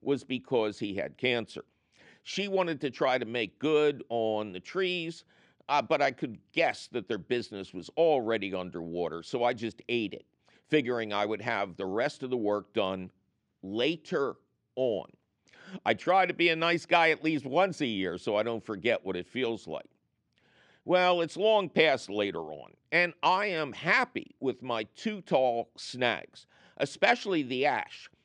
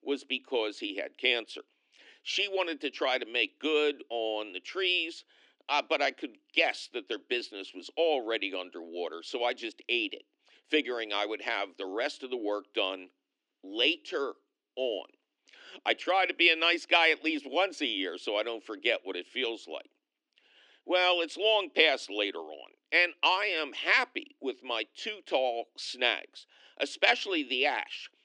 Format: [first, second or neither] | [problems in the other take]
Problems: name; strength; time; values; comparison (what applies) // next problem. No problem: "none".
first | thin; very slightly; fading below 300 Hz